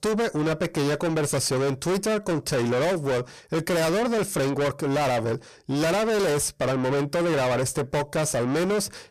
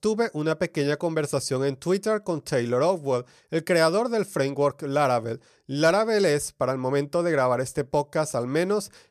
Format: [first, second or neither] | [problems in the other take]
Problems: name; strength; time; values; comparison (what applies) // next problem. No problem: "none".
second | distortion; heavy; 6 dB below the speech